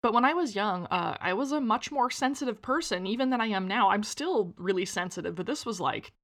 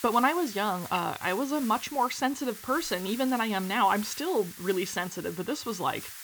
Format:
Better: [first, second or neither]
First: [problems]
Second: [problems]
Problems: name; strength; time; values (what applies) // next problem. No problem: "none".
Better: first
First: none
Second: hiss; noticeable; throughout; 10 dB below the speech